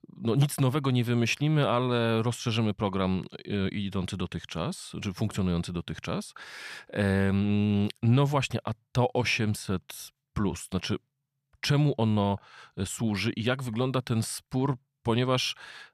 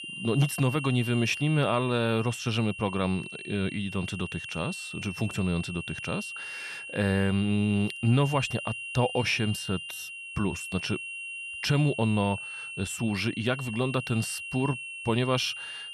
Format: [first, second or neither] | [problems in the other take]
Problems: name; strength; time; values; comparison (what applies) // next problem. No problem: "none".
first | high-pitched whine; loud; throughout; 2.5 kHz, 8 dB below the speech